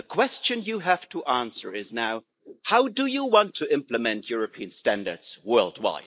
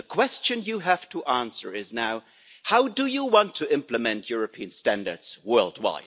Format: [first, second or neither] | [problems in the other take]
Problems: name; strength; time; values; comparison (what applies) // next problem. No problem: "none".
second | noise reduction (neural mask model Resemble Enhance denoiser)